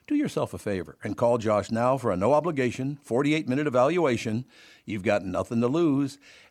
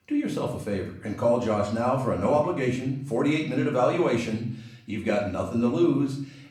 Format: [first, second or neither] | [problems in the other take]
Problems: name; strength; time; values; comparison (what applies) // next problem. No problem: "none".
first | room echo; slight; dies away in 0.6 s // off-mic speech; far